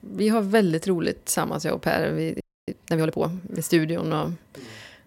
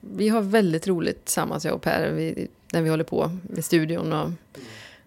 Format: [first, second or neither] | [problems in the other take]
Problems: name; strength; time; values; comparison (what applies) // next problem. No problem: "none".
second | audio freezing; at 2.5 s